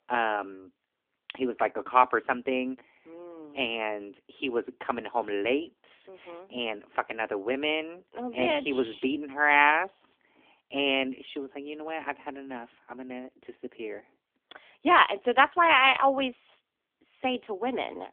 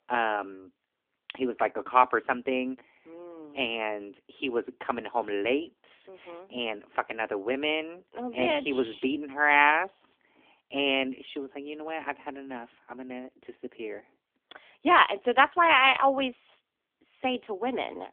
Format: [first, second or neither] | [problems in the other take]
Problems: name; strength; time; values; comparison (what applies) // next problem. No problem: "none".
neither | phone-call audio; nothing above 3 kHz; the same in both